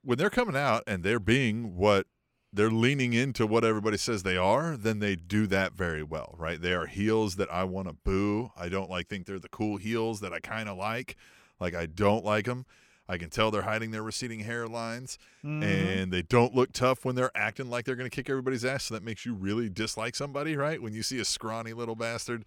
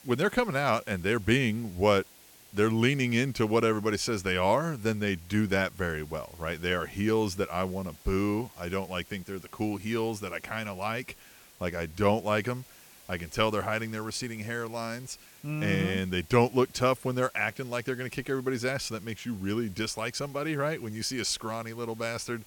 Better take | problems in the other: first | hiss; faint; throughout; 25 dB below the speech

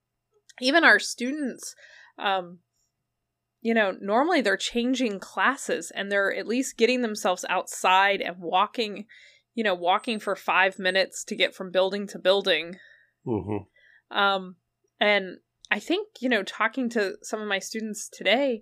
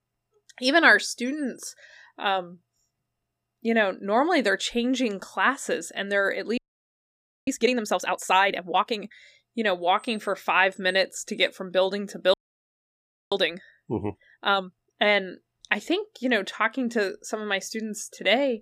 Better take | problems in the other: first | audio freezing; at 6.5 s for 1 s and at 12 s for 1 s

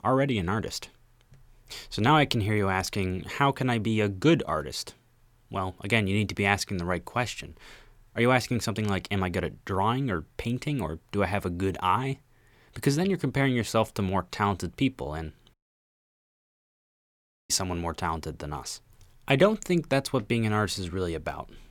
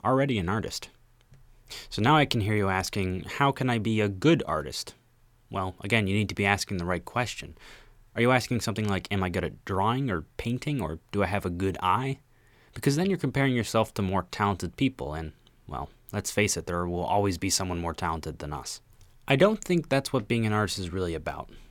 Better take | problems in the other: second | audio cutting out; at 16 s for 2 s

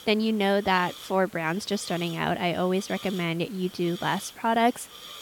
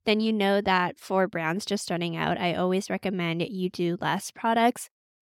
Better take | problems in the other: second | hiss; noticeable; throughout; 15 dB below the speech

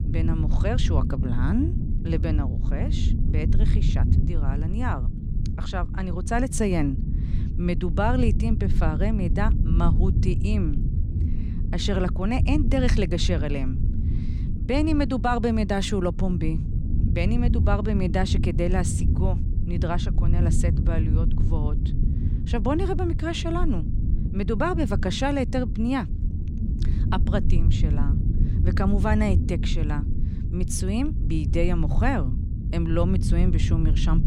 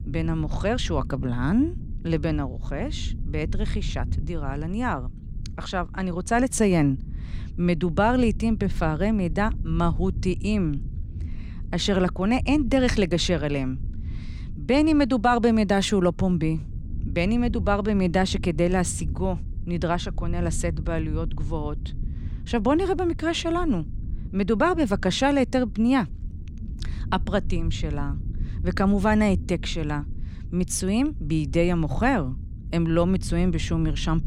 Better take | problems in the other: second | low rumble; loud; throughout; 9 dB below the speech; faint in the second

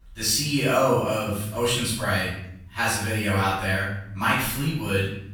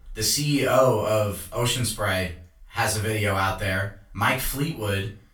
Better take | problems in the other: second | room echo; strong; dies away in 0.8 s; slight in the second // off-mic speech; far; far in the second

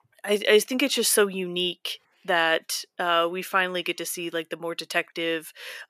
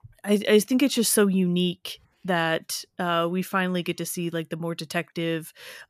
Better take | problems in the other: second | thin; somewhat; fading below 400 Hz

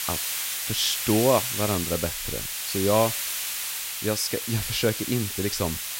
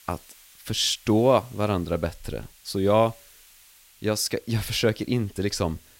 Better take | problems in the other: second | hiss; loud; throughout; 2 dB below the speech; faint in the second

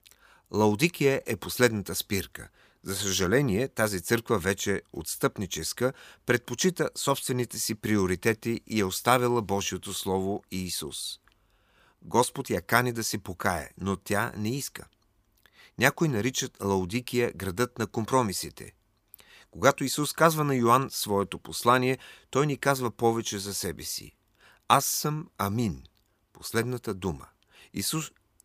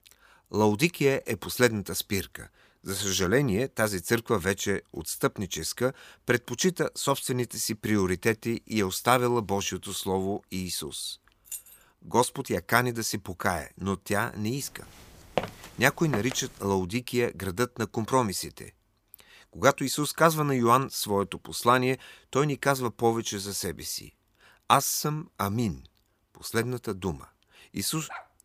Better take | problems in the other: first | jangling keys; faint; at 11 s; peak 10 dB below the speech // footsteps; noticeable; at 15 s; peak 5 dB below the speech // dog barking; faint; at 28 s; peak 15 dB below the speech

